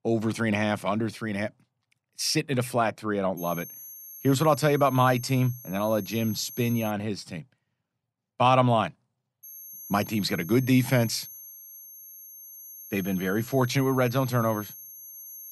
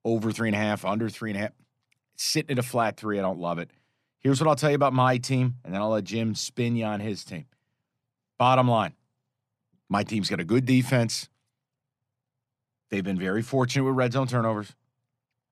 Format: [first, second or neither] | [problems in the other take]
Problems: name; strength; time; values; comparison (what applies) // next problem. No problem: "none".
second | high-pitched whine; noticeable; from 3.5 to 7 s and from 9.5 s on; 11.5 kHz, 15 dB below the speech